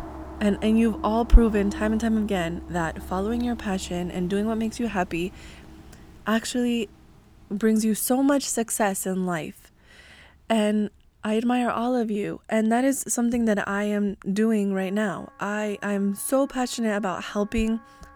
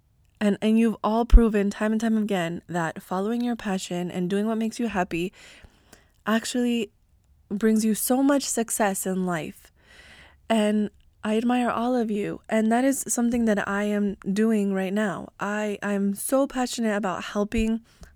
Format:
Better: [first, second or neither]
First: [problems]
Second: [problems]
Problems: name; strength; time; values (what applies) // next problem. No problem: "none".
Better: second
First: background music; noticeable; throughout; 15 dB below the speech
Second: none